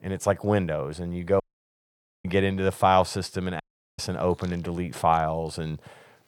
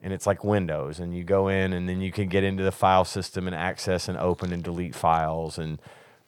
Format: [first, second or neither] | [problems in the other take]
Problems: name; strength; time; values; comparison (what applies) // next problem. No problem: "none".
second | audio cutting out; at 1.5 s for 1 s and at 3.5 s